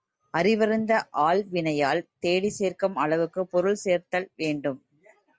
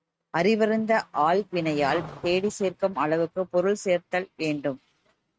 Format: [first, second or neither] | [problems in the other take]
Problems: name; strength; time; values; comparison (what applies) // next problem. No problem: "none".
first | noise reduction (neural mask model RNNoise)